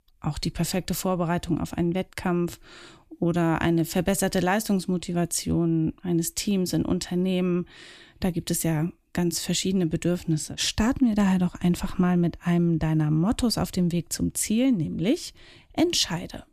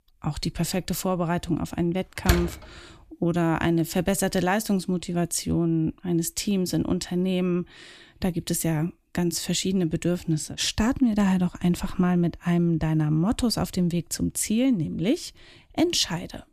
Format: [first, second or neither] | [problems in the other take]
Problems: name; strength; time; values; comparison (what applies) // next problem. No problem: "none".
first | door banging; noticeable; at 2.5 s; peak 1 dB below the speech